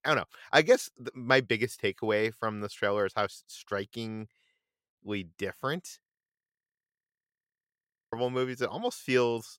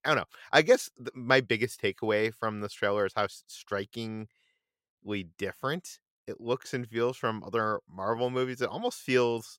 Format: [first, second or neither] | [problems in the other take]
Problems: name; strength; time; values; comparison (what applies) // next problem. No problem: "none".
second | audio freezing; at 6 s for 2 s